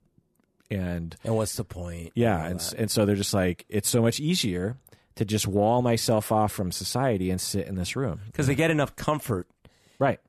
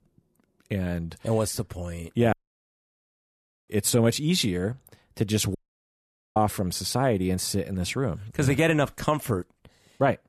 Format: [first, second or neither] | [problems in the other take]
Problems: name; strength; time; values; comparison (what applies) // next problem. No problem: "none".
first | audio cutting out; at 2.5 s for 1.5 s and at 5.5 s for 1 s